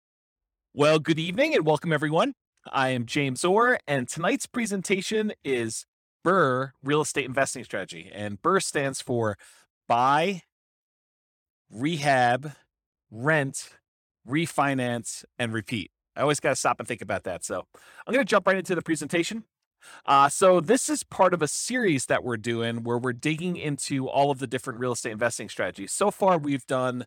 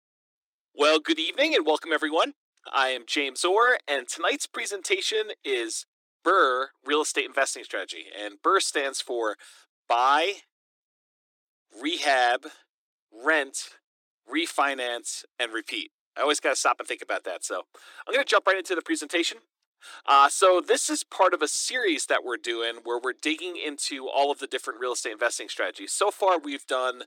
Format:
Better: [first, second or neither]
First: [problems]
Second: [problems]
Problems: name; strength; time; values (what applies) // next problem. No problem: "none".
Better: first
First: none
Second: thin; somewhat; fading below 300 Hz